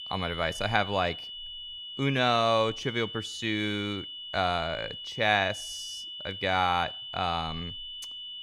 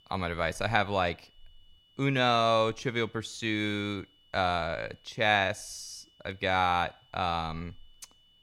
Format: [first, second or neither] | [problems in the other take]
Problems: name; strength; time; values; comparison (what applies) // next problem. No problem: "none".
second | high-pitched whine; loud; throughout; 3 kHz, 9 dB below the speech; faint in the second